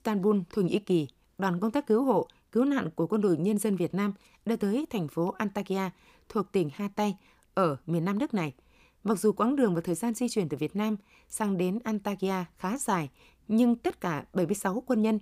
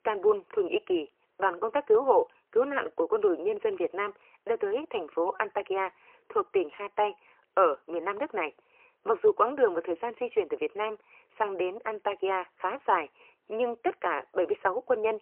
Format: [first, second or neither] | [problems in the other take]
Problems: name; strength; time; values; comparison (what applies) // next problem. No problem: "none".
first | phone-call audio; poor line; nothing above 3 kHz